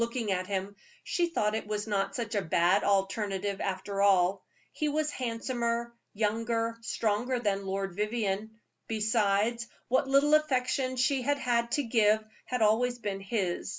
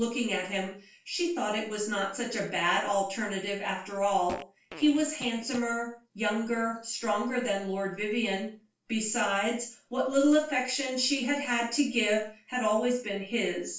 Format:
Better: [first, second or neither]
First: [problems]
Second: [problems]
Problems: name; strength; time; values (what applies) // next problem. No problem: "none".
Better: first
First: none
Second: noise reduction (neural separator model SepFormer DNS4)